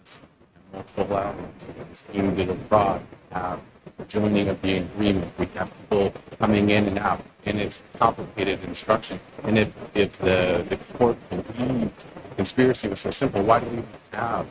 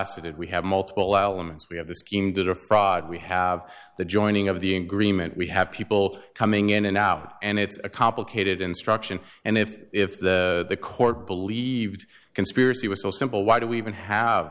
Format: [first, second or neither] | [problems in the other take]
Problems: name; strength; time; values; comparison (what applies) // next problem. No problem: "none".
second | noise reduction (neural mask model RNNoise)